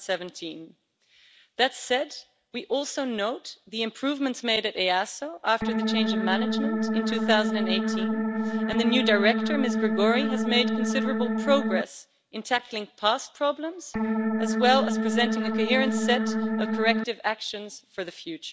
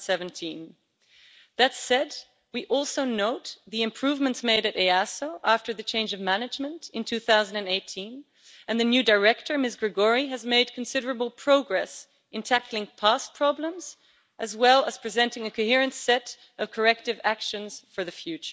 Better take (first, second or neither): second